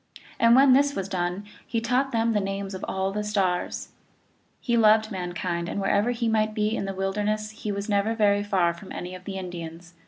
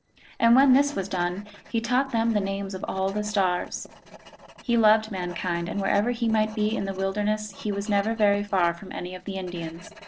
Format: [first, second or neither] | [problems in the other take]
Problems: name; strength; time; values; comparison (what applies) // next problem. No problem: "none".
first | noise reduction (neural separator model SepFormer DNS4)